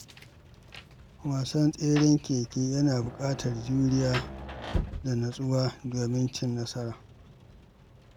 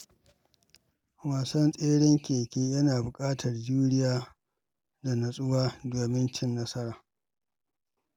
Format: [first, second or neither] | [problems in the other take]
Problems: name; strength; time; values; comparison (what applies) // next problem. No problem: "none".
second | background sound (Rain); 12 dB below the speech